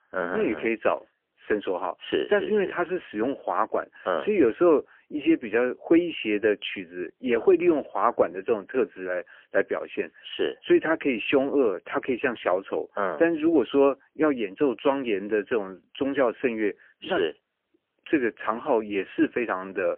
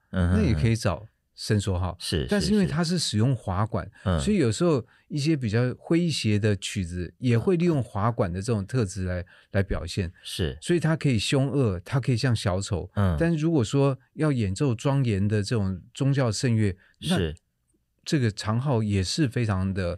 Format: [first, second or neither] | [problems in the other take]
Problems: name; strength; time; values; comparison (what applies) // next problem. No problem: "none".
second | phone-call audio; poor line; nothing above 3 kHz